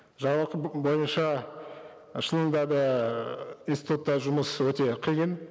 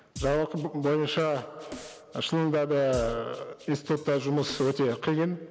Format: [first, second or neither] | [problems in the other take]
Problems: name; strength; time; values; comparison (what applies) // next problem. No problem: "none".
first | background sound (Drum kit); 16 dB below the speech